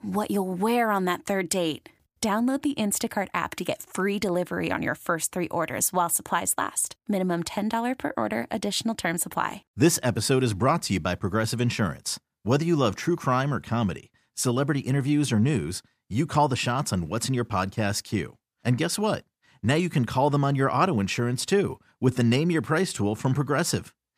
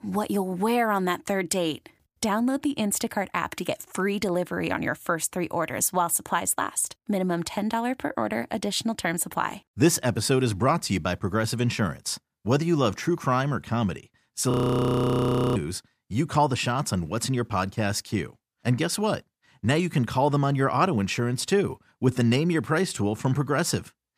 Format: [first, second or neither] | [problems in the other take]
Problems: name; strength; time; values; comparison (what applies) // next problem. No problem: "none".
first | audio freezing; at 15 s for 1 s